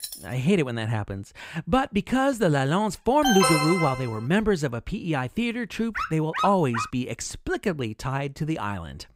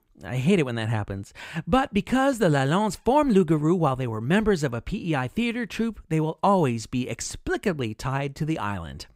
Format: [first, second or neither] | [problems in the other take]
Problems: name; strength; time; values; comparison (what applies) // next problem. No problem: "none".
second | jangling keys; faint; at the start; peak 10 dB below the speech // alarm; loud; at 3 s; peak 4 dB above the speech // dog barking; noticeable; at 6 s; peak 4 dB below the speech